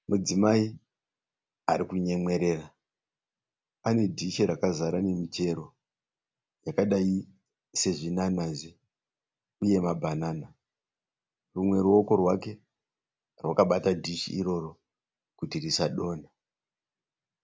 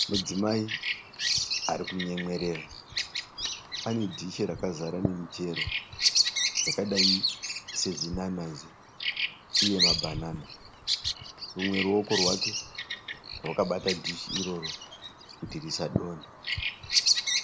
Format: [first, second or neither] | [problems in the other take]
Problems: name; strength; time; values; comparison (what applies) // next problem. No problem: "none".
first | background sound (Bird vocalization, bird call, bird song); 2 dB above the speech